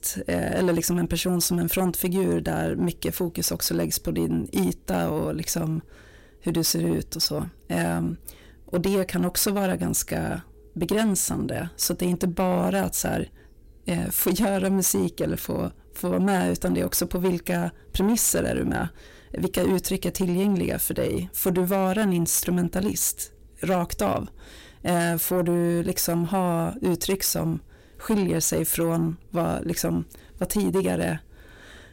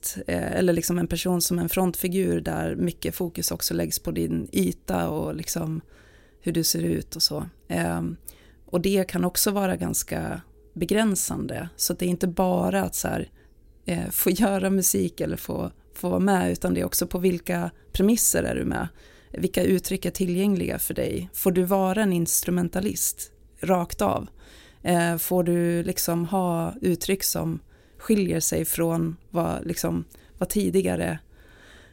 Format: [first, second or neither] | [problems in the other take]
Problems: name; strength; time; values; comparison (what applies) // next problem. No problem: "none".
second | distortion; slight; 10 dB below the speech